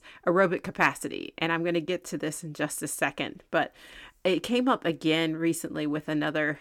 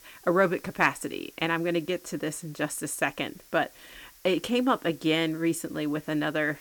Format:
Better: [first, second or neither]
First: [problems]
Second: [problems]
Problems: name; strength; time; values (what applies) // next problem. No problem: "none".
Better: first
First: none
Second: hiss; faint; throughout; 25 dB below the speech